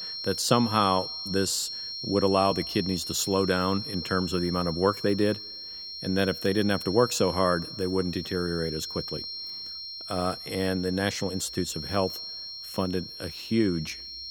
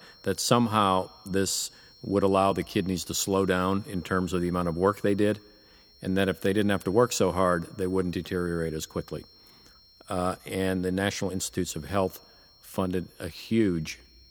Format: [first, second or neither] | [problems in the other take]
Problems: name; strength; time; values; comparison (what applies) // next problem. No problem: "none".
second | high-pitched whine; loud; throughout; 4 kHz, 7 dB below the speech; faint in the second